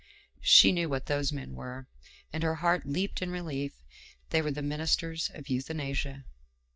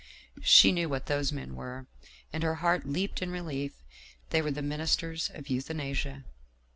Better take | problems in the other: second | noise reduction (neural mask model DeepFilterNet 3)

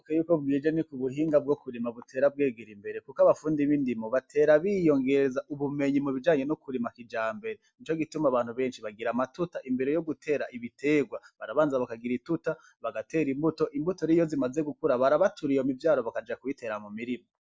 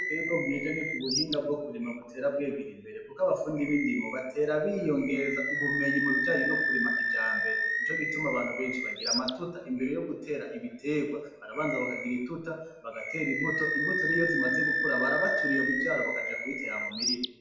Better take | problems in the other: first | background sound (Animal); as loud as the speech // room echo; dies away in 0.9 s

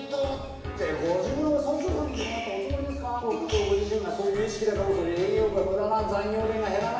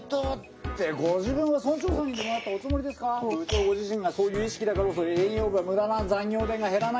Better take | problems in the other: second | room echo; dies away in 1.3 s

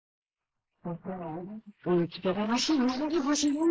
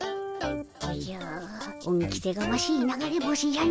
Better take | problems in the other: second | noise reduction (neural mask model Resemble Enhance denoiser)

